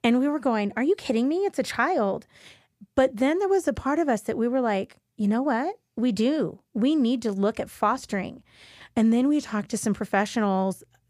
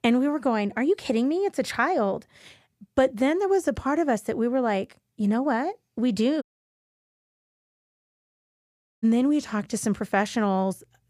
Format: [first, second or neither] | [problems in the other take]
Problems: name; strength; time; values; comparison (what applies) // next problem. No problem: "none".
first | audio cutting out; at 6.5 s for 2.5 s